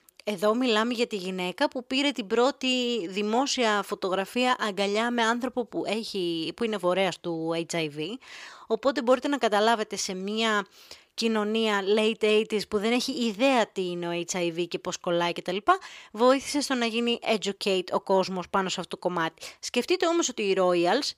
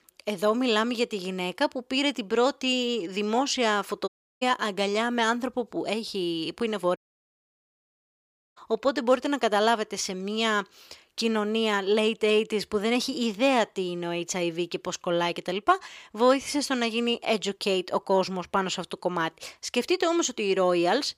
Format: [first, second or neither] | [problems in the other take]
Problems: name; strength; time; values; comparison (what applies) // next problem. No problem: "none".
first | audio cutting out; at 4 s and at 7 s for 1.5 s